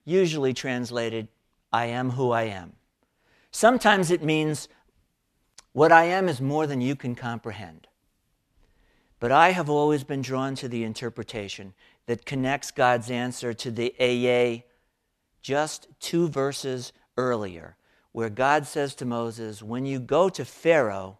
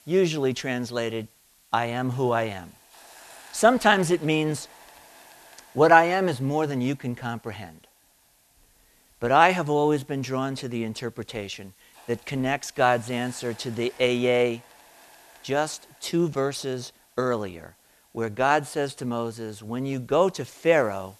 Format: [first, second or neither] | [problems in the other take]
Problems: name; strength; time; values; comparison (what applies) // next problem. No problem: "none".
first | hiss; faint; throughout; 25 dB below the speech